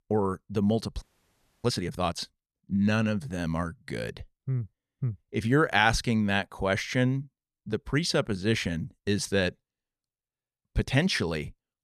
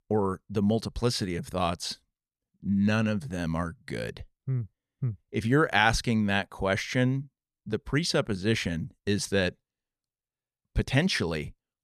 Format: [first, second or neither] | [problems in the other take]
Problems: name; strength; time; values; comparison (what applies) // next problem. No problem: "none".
second | audio freezing; at 1 s for 0.5 s